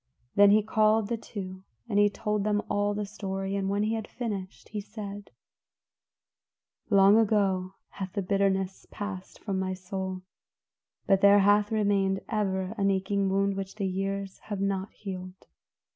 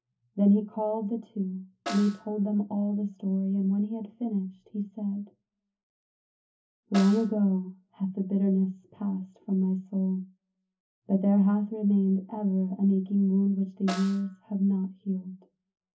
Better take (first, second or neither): first